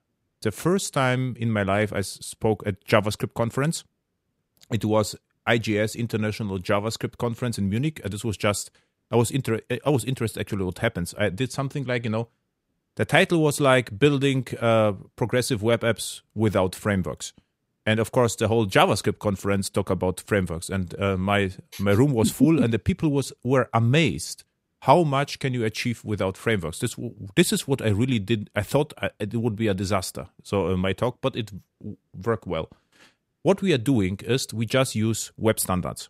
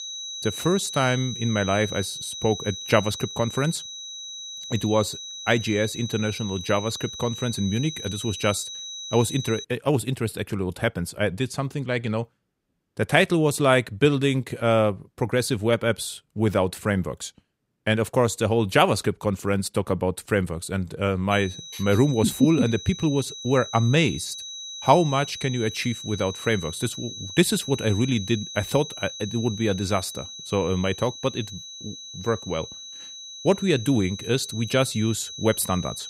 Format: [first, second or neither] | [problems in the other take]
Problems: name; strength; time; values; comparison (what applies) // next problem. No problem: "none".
first | high-pitched whine; loud; until 9.5 s and from 21 s on; 4 kHz, 10 dB below the speech